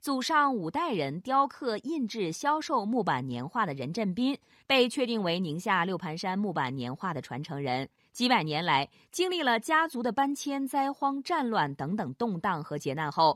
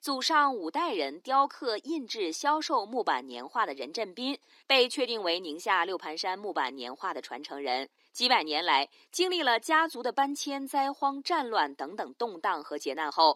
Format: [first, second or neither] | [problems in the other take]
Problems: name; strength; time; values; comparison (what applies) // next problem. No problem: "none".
first | thin; somewhat; fading below 300 Hz